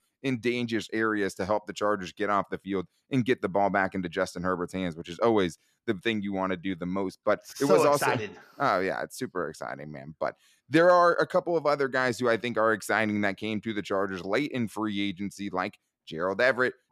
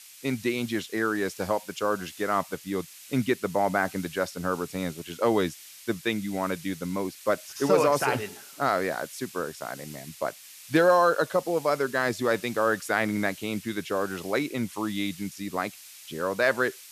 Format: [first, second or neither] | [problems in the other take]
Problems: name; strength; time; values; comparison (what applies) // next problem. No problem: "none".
first | hiss; noticeable; throughout; 15 dB below the speech